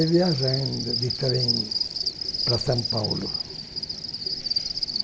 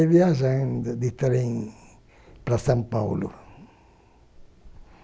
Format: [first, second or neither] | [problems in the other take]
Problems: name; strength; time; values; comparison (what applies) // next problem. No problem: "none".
second | background sound (Cricket); 1 dB below the speech